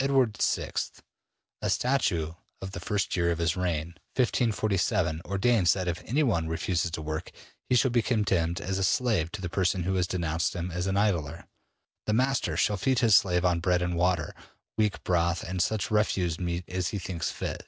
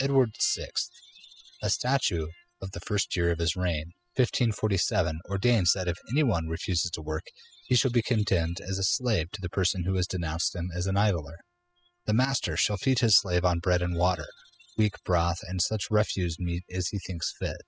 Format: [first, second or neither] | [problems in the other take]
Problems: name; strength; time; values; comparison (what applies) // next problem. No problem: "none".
first | noise reduction (classical method spectral subtraction)